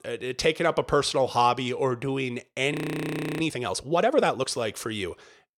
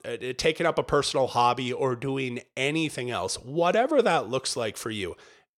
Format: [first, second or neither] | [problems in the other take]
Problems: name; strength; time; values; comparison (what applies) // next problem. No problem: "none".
second | audio freezing; at 2.5 s for 0.5 s